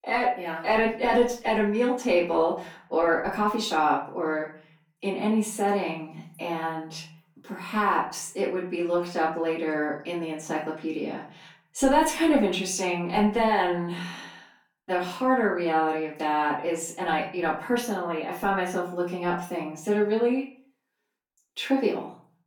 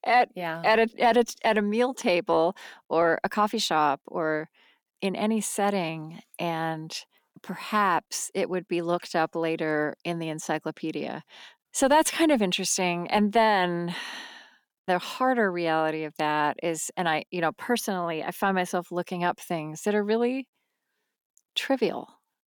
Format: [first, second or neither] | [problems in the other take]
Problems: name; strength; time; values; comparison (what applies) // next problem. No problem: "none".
second | off-mic speech; far // room echo; slight; dies away in 0.4 s